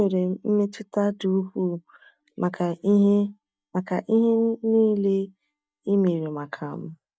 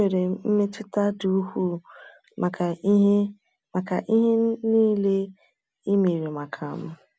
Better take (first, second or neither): second